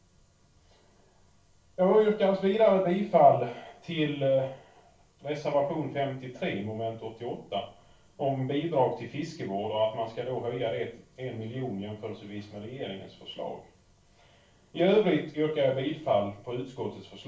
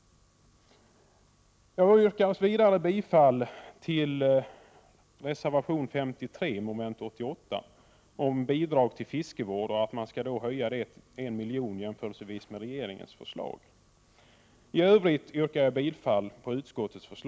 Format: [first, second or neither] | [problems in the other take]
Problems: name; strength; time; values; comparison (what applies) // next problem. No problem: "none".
second | room echo; dies away in 0.3 s